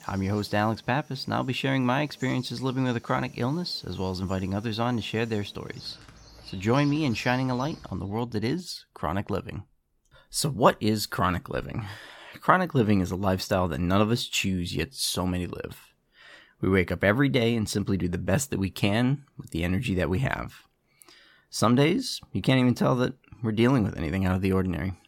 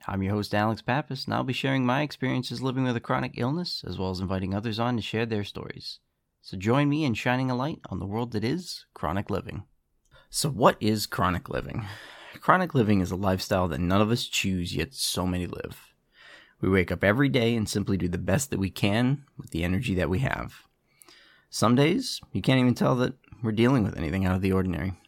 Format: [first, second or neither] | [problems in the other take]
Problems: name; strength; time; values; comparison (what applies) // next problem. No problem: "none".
second | animal sounds; faint; until 8 s; 20 dB below the speech